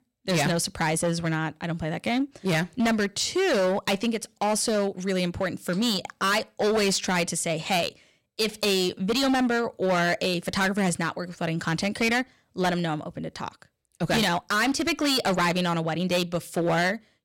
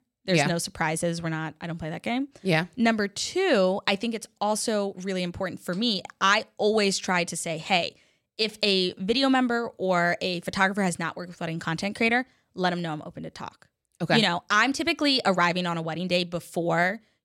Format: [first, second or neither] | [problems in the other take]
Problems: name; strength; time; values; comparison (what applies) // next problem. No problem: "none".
second | distortion; heavy; 13% of the sound clipped